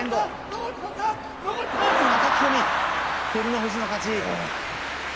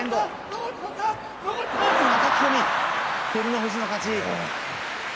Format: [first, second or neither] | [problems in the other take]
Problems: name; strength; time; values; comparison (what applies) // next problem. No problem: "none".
second | background sound (Bus); 19 dB below the speech